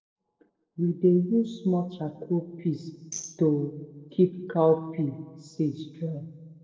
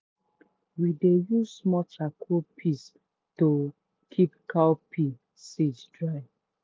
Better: second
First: noise reduction (neural separator model SepFormer DNS4)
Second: none

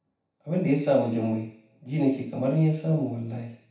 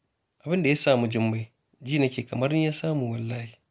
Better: second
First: room echo; dies away in 0.7 s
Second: none

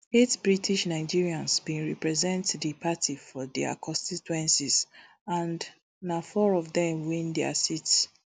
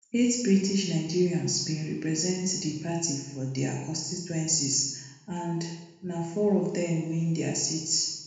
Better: first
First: none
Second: room echo; dies away in 1 s

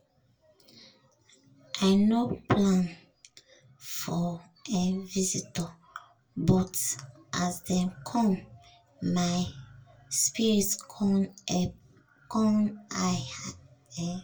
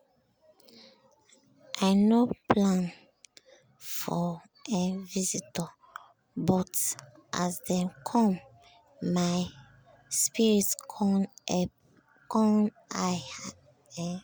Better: second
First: room echo; dies away in 0.1 s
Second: none

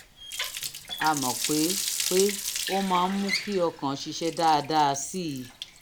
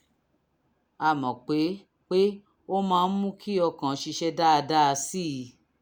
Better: second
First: background sound (Water tap, faucet); 6 dB below the speech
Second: none

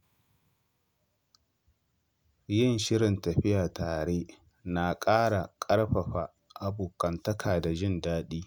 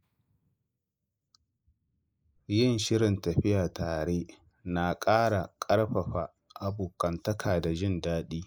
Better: first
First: none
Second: noise reduction (neural mask model Resemble Enhance denoiser)

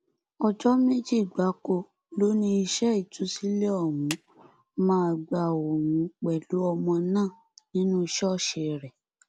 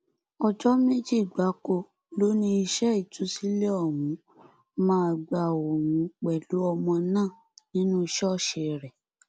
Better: second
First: background sound (Clapping); 17 dB below the speech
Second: none

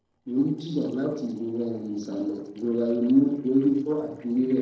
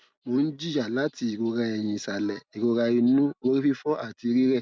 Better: second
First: noise reduction (neural separator model SepFormer DNS4)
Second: none

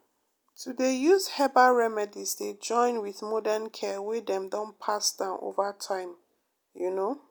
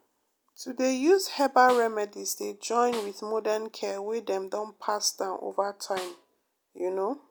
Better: first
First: none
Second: background sound (Snare drum); 18 dB below the speech

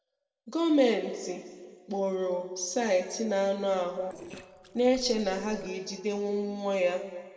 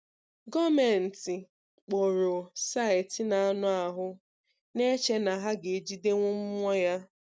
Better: second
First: noise reduction (neural separator model SepFormer DNS4)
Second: none

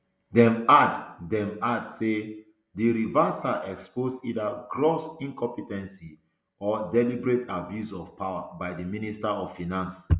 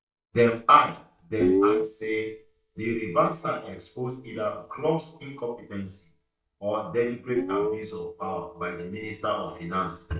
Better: first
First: none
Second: noise reduction (neural mask model DeepFilterNet 3)

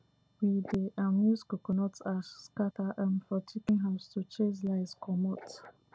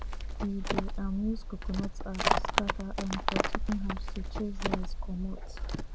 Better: first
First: none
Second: background sound (Livestock, farm animals, working animals); 5 dB above the speech

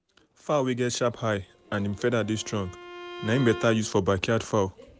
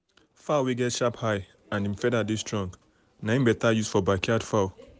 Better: second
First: background sound (Bowed string instrument); 15 dB below the speech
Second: none

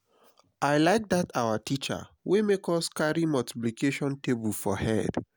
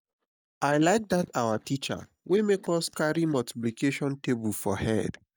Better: first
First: none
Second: noise reduction (neural mask model DeepFilterNet 3)

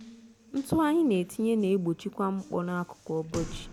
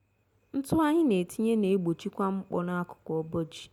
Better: second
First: background sound (Water tap, faucet); 17 dB below the speech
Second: none

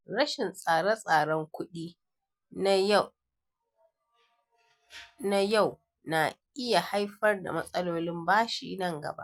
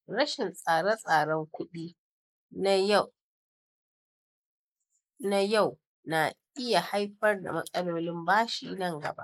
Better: first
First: none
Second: noise reduction (neural mask model Resemble Enhance denoiser)

